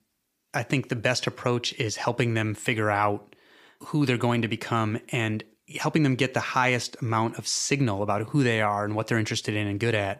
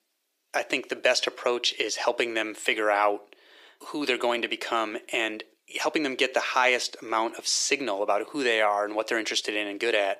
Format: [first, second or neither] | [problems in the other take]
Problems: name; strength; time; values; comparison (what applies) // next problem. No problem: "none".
first | thin; very; fading below 350 Hz